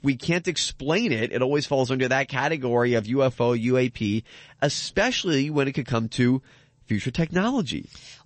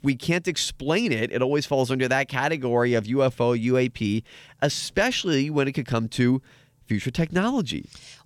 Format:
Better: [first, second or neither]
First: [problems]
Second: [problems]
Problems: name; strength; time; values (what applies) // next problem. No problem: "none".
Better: second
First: garbled, watery; slightly; nothing above 8 kHz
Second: none